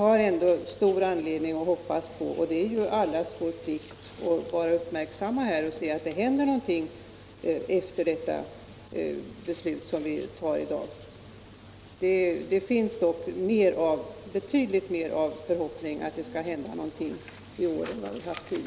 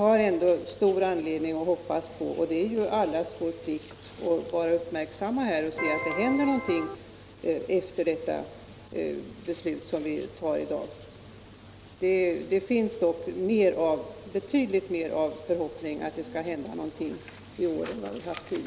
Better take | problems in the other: first | background sound (Electric guitar); 5 dB below the speech

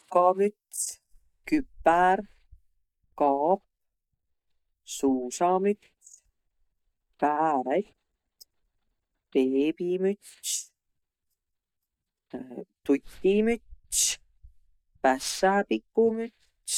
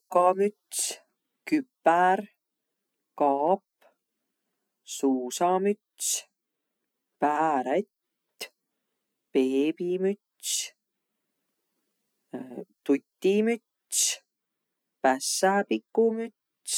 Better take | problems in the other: second | noise reduction (neural mask model DeepFilterNet 3)

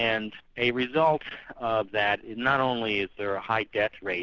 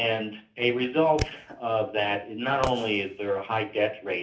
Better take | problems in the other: first | background sound (Fireworks); 11 dB below the speech // room echo; dies away in 0.3 s

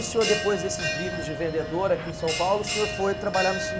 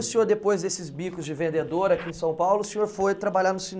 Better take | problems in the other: second | background sound (Bell); 4 dB below the speech

